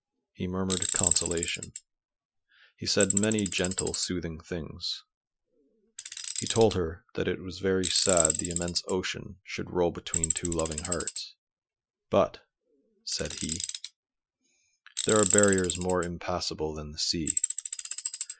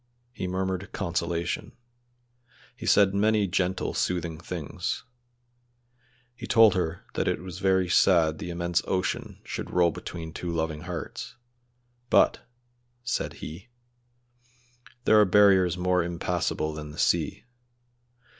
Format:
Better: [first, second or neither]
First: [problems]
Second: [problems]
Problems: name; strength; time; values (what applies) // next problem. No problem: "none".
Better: second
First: noise reduction (classical method Wiener filter)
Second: none